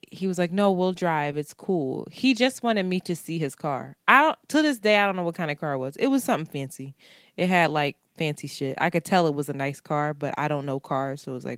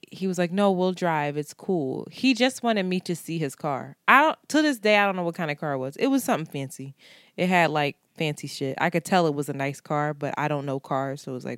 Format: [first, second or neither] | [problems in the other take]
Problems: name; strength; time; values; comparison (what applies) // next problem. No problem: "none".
second | garbled, watery; slightly; nothing above 16 kHz